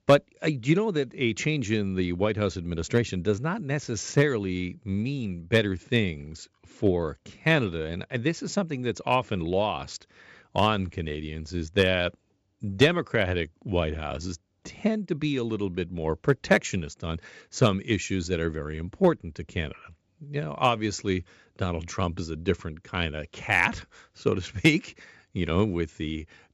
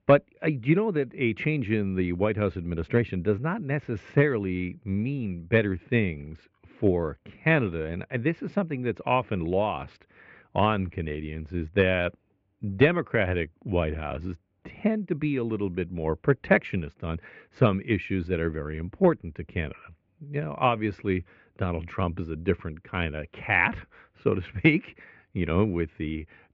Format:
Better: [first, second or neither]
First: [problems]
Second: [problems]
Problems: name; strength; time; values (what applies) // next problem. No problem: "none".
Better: first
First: none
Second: muffled; very; fading above 2.5 kHz